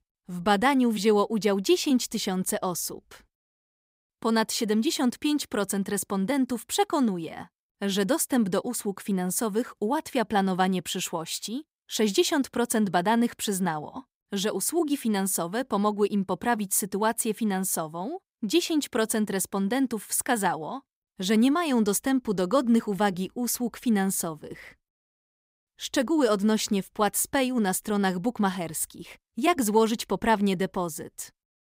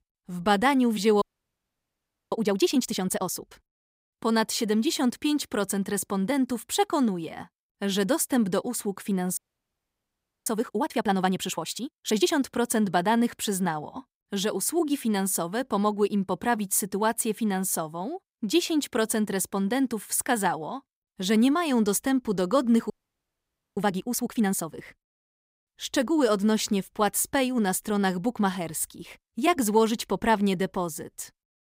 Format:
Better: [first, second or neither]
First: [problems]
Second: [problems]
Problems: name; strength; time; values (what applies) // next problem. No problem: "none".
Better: first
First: none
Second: audio freezing; at 1 s for 1 s, at 9.5 s for 1 s and at 23 s for 1 s